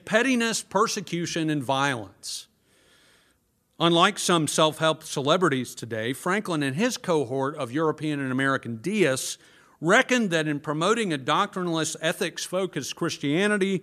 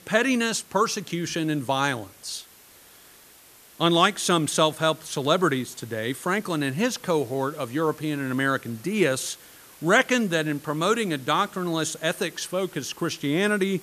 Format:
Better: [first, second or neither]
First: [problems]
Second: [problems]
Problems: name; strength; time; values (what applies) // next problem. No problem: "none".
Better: first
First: none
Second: hiss; faint; throughout; 25 dB below the speech